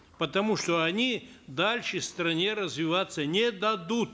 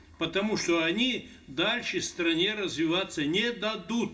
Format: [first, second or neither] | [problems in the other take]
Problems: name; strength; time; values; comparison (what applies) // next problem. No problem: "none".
first | room echo; dies away in 0.2 s